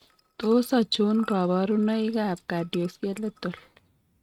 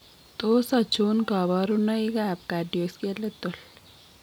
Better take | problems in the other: second | noise reduction (neural mask model RNNoise)

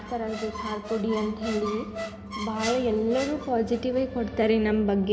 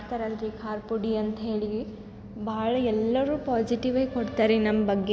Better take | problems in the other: second | background sound (Squeak); 12 dB below the speech // room echo; dies away in 0.3 s

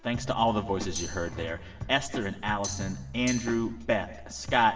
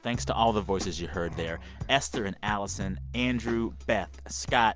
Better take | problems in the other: second | background sound (Tambourine); 12 dB below the speech // room echo; dies away in 1.4 s

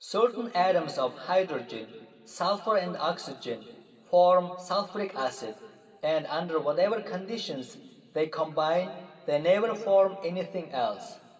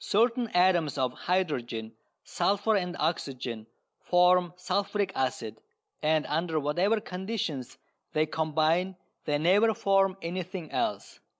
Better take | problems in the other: second | room echo; dies away in 1.8 s

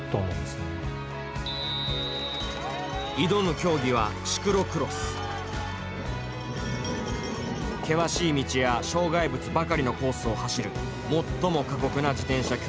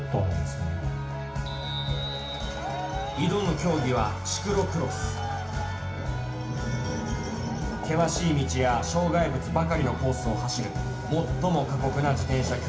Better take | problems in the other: first | room echo; dies away in 0.6 s

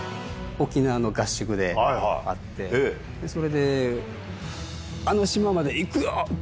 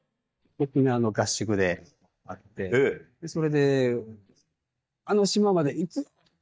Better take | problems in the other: first | noise reduction (neural mask model DeepFilterNet 3)

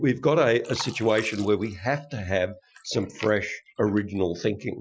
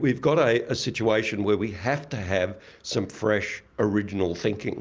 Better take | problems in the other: second | noise reduction (classical method Wiener filter)

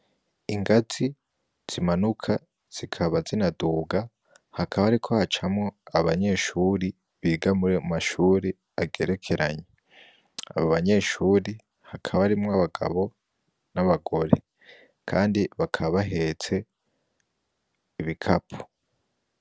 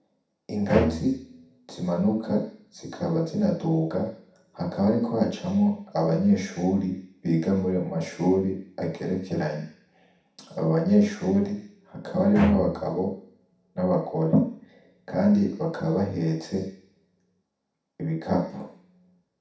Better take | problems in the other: first | background sound (Bowed string instrument); 7 dB below the speech // room echo; dies away in 0.7 s

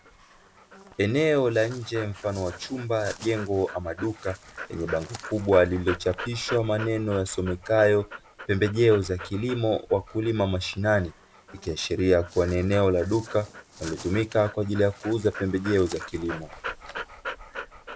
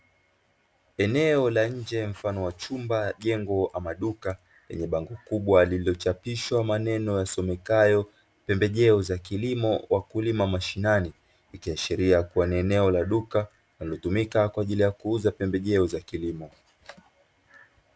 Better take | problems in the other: second | background sound (Dog); 15 dB below the speech

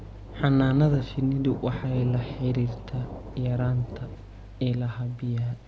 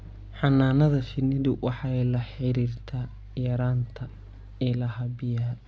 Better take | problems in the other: second | background sound (Thunder / Rain); 13 dB below the speech

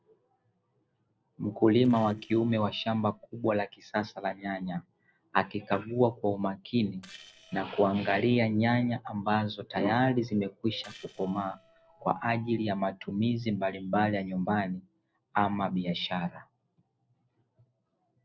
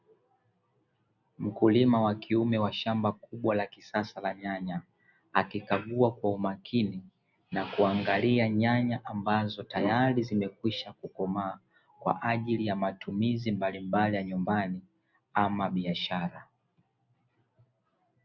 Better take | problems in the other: second | noise reduction (neural separator model SepFormer DNS4)

